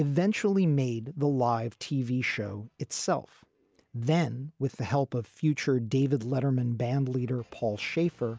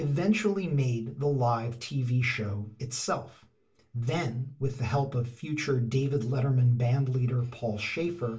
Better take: first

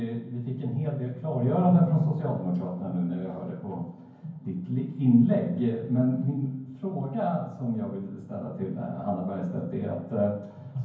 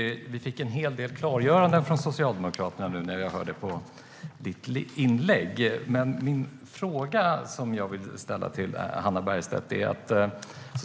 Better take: second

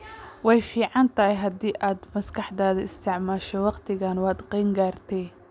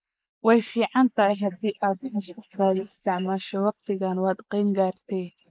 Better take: first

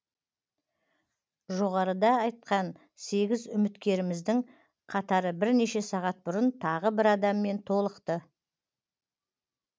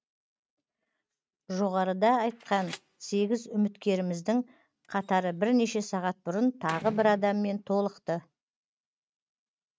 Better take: first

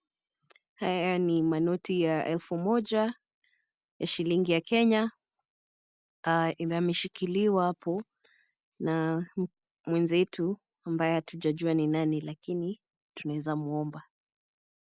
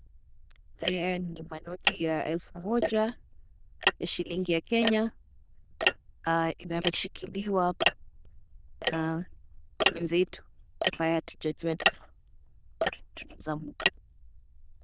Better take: first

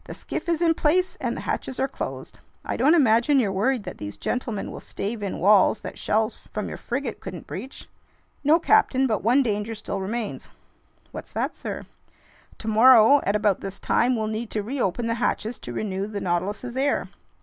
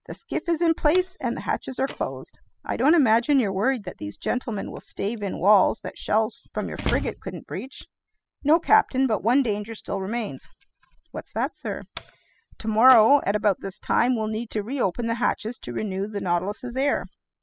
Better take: first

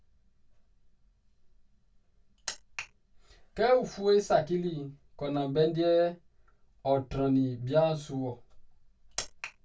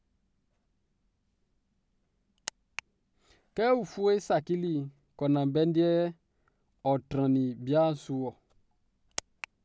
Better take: second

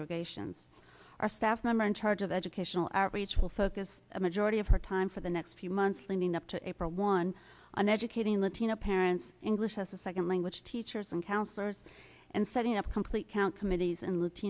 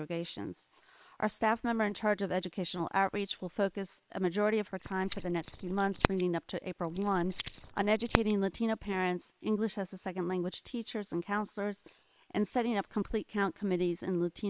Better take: first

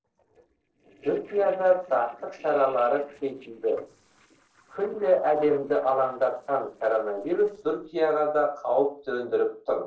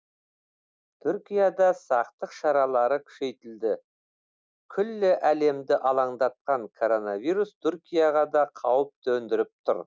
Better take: second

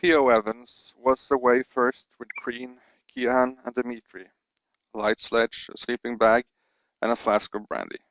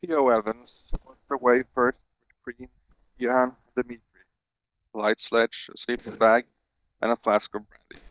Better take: first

